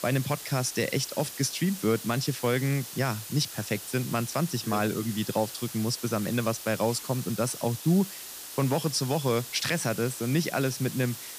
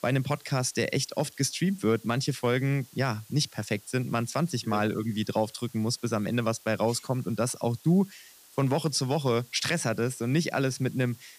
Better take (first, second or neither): second